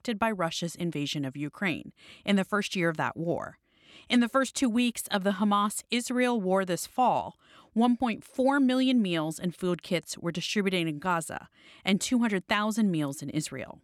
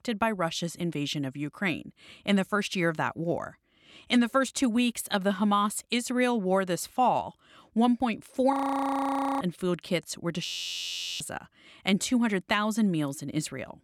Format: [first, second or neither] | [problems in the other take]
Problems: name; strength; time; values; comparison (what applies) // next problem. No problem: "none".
first | audio freezing; at 8.5 s for 1 s and at 10 s for 1 s